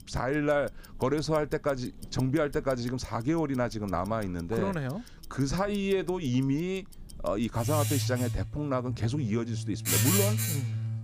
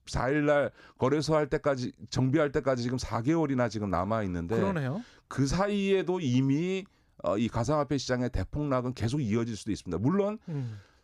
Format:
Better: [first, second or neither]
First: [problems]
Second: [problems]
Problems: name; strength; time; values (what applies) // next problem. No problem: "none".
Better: second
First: household noises; very loud; throughout; as loud as the speech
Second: none